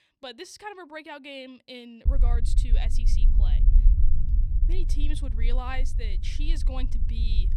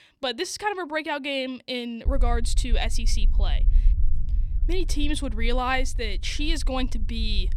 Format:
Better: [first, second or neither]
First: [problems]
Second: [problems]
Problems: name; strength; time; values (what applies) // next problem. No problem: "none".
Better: second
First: low rumble; loud; from 2 s on; 9 dB below the speech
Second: low rumble; faint; from 2 s on; 20 dB below the speech